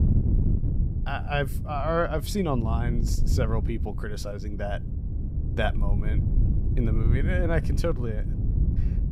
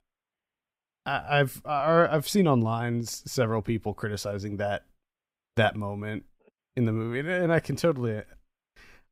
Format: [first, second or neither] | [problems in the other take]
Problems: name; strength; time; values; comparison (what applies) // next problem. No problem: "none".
second | wind noise on the microphone; occasional gusts; 10 dB below the speech